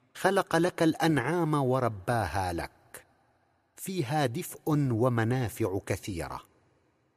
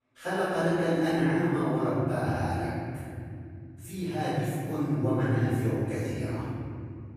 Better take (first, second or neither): first